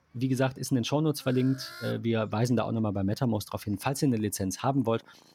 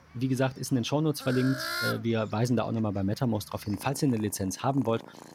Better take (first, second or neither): first